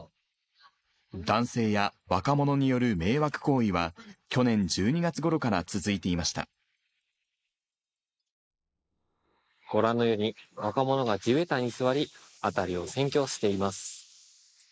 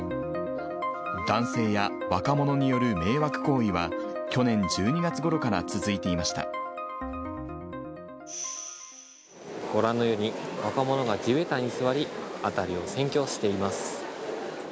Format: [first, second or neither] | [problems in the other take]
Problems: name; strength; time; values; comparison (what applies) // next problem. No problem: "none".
second | noise reduction (neural mask model Resemble Enhance denoiser)